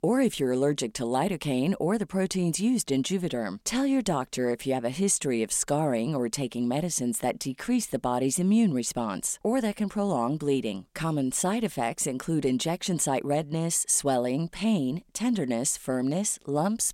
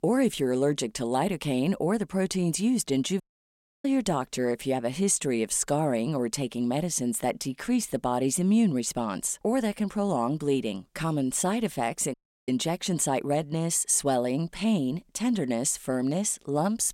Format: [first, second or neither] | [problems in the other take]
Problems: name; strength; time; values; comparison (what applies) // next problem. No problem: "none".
first | audio cutting out; at 3 s for 0.5 s and at 12 s